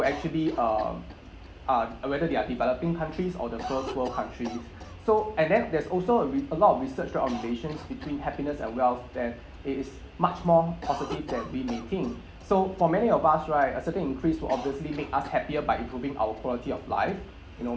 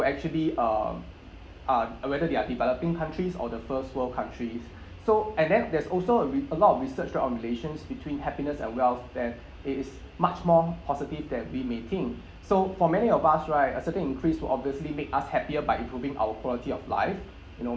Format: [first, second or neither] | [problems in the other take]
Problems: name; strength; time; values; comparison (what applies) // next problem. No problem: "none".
second | background sound (Cough); 18 dB below the speech